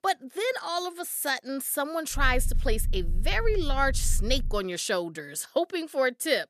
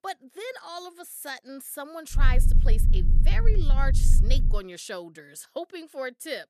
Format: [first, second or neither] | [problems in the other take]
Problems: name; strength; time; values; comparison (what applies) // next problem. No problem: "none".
first | low rumble; loud; from 2 to 4.5 s; 9 dB below the speech; faint in the first